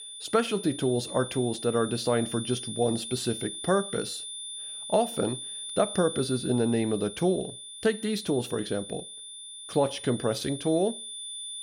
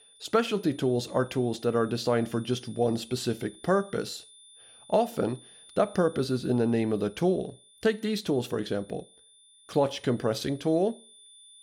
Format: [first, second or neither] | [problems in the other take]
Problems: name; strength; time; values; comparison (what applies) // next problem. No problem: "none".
second | high-pitched whine; loud; throughout; 3.5 kHz, 9 dB below the speech; faint in the second